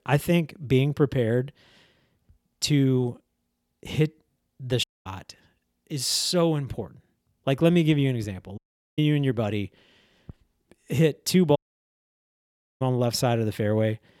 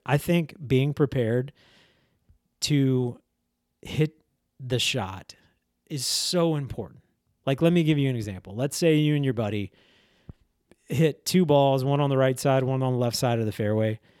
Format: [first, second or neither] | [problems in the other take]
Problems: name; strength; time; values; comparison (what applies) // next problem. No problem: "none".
second | audio cutting out; at 5 s, at 8.5 s and at 12 s for 1.5 s